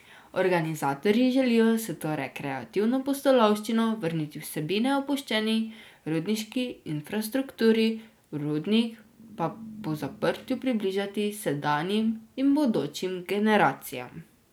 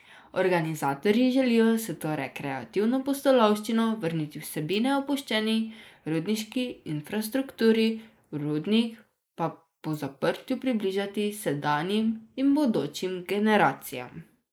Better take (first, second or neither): first